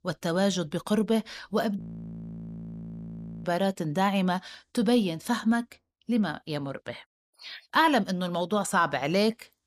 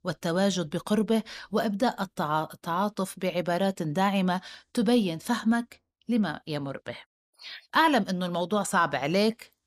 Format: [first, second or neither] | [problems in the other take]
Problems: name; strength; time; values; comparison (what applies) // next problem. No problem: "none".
second | audio freezing; at 2 s for 1.5 s